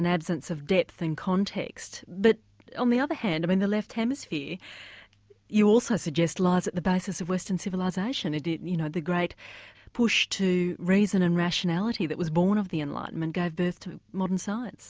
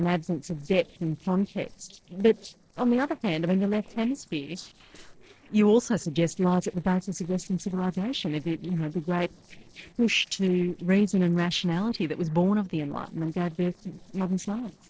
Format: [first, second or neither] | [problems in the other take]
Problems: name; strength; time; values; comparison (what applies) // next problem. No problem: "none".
first | noise reduction (neural separator model SepFormer DNS4)